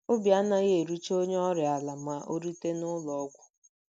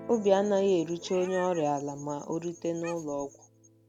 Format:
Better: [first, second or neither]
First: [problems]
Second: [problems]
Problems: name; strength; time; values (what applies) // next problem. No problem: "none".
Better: first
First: none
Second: background sound (Guitar + Meow); 19 dB below the speech